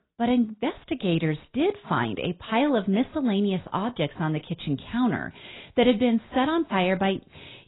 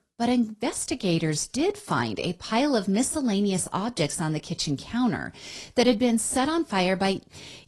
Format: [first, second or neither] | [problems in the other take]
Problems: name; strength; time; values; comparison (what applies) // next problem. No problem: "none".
second | garbled, watery; badly; nothing above 4 kHz; slightly in the second